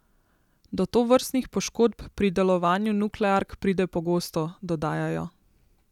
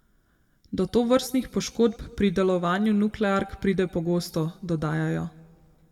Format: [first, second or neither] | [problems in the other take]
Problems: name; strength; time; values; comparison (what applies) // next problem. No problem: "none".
first | room echo; dies away in 0.9 s